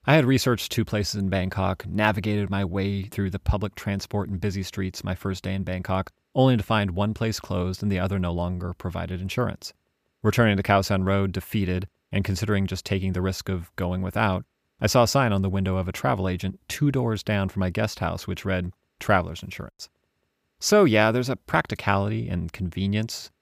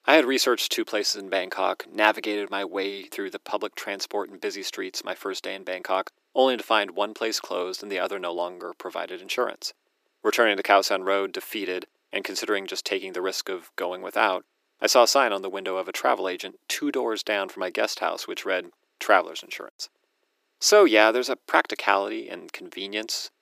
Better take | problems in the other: first | thin; very; fading below 300 Hz

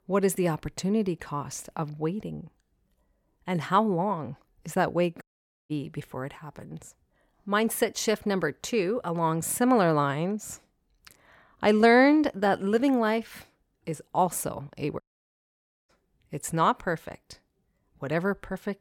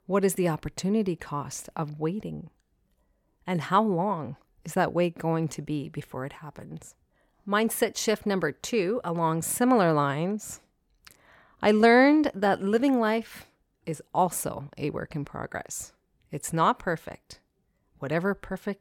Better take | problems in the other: second | audio cutting out; at 5 s and at 15 s for 1 s

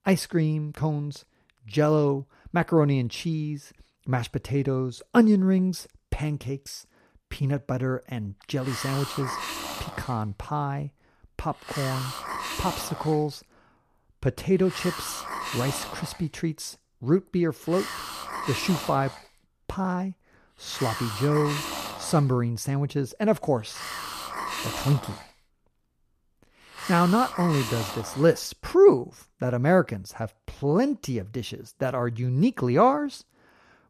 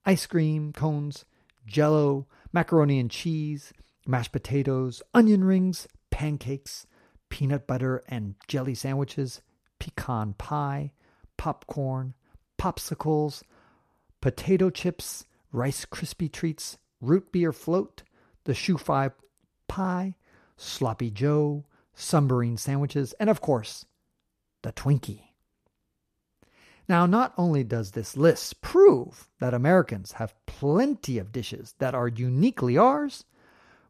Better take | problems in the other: second | hiss; loud; from 8 to 29 s; 8 dB below the speech

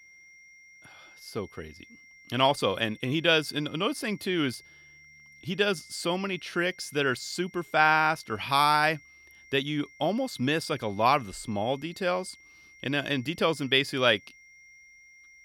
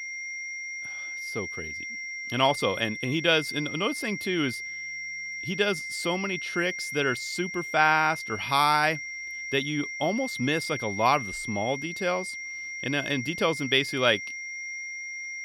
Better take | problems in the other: first | high-pitched whine; loud; throughout; 2 kHz, 7 dB below the speech; faint in the first

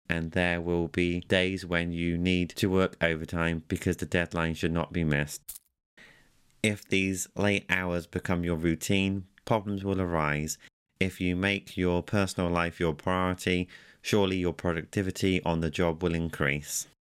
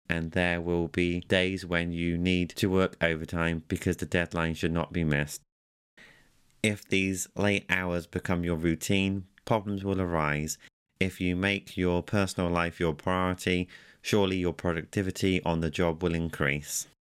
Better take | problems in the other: second | jangling keys; faint; at 5.5 s; peak 15 dB below the speech

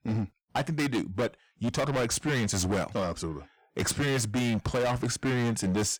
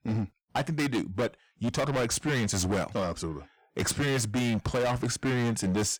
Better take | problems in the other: neither | distortion; heavy; 22% of the sound clipped; the same in both

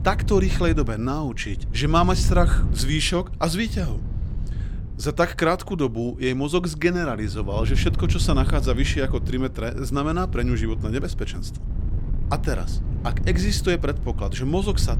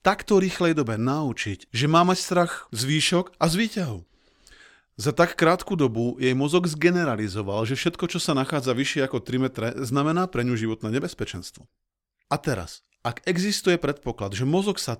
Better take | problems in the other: second | wind noise on the microphone; occasional gusts; 15 dB below the speech

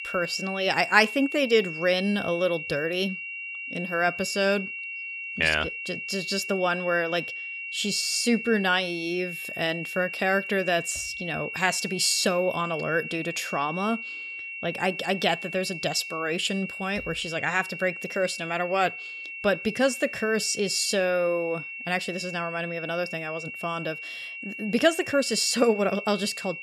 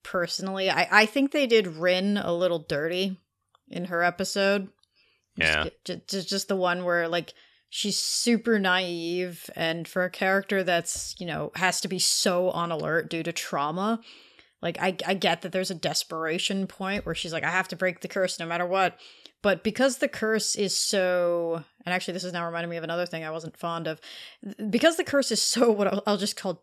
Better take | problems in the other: second | high-pitched whine; loud; throughout; 2.5 kHz, 8 dB below the speech

